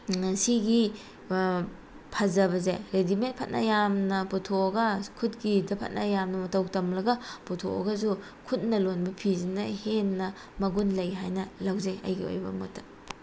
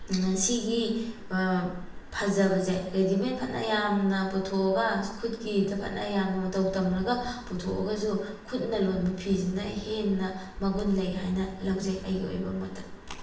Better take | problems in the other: first | background sound (Wind); 17 dB below the speech // room echo; dies away in 0.7 s

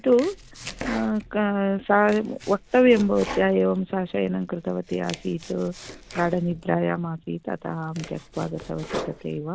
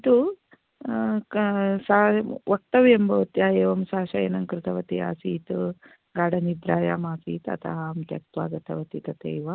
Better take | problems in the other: second | background sound (Domestic sounds, home sounds); 15 dB below the speech

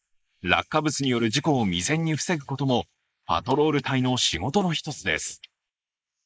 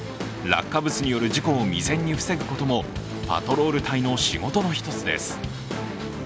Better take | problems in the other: second | noise reduction (neural mask model Resemble Enhance denoiser)

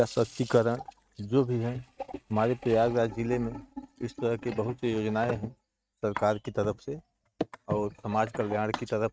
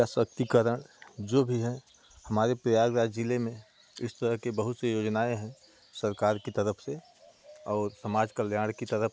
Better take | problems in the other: second | noise reduction (neural mask model RNNoise)

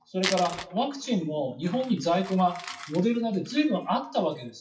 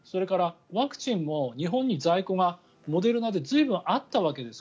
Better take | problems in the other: second | noise reduction (classical method WPE with log-MMSE)

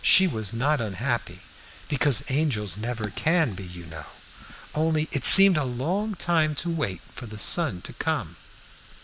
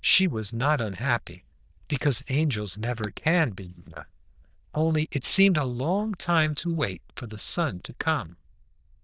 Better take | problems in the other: first | noise reduction (neural diffusion model UNIVERSE++)

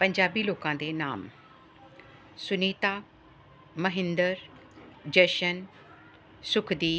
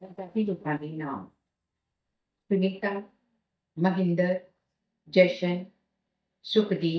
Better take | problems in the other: first | noise reduction (neural mask model DeepFilterNet 3)

